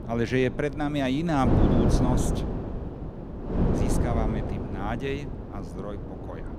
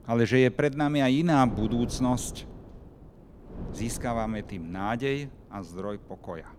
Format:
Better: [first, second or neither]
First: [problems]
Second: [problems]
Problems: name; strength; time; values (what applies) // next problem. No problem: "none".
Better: second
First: wind noise on the microphone; heavy; 4 dB below the speech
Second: wind noise on the microphone; occasional gusts; 20 dB below the speech